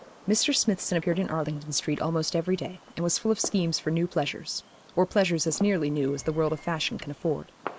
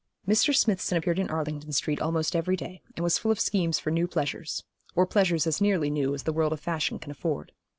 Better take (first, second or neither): second